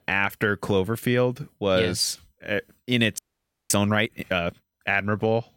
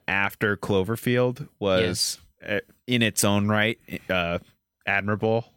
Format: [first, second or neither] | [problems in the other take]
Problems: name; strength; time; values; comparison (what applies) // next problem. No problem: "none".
second | audio freezing; at 3 s for 0.5 s